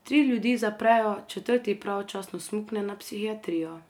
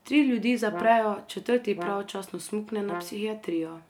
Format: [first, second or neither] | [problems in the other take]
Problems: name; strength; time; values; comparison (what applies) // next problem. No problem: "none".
first | background sound (Brass instrument); 13 dB below the speech